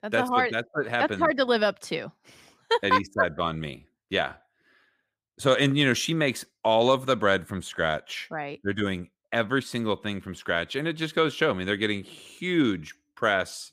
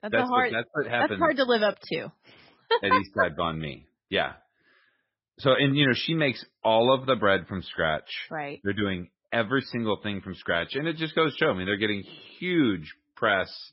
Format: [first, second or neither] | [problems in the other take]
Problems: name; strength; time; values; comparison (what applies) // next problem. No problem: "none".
first | garbled, watery; badly; nothing above 5.5 kHz